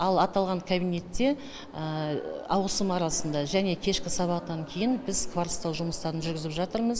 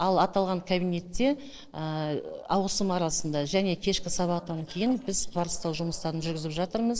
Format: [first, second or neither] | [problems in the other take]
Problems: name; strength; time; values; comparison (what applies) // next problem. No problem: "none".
first | noise reduction (neural separator model SepFormer DNS4)